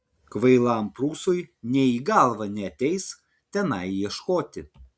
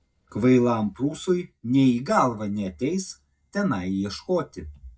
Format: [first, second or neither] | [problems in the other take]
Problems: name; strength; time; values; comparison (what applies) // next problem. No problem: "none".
first | noise reduction (neural mask model DeepFilterNet 3)